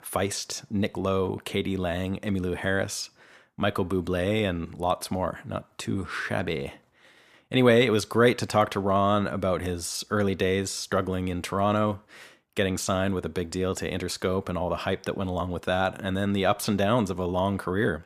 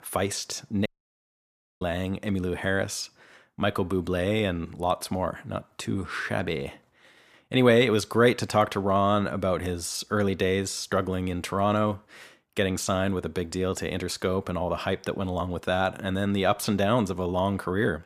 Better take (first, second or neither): first